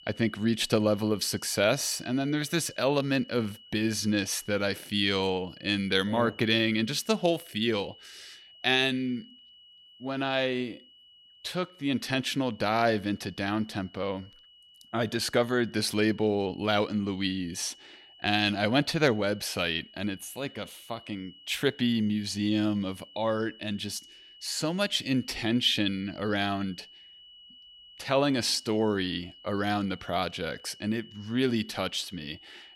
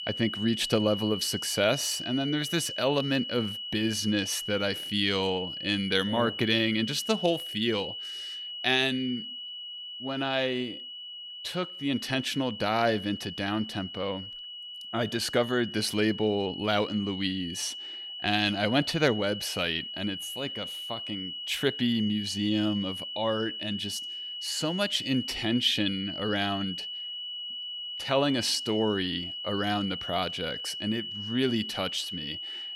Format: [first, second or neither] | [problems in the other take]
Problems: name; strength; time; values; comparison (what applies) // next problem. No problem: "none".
first | high-pitched whine; loud; throughout; 3 kHz, 7 dB below the speech; faint in the first